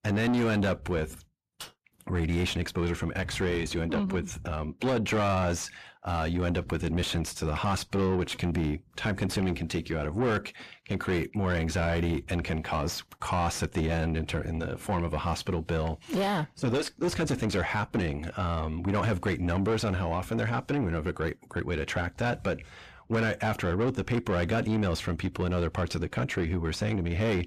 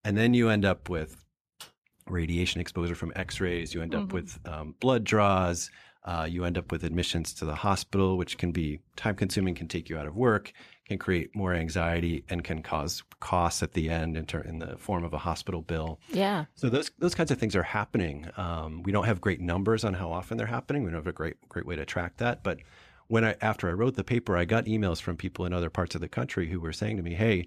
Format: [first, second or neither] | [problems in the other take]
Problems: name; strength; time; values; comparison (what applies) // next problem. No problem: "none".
second | distortion; heavy; 7 dB below the speech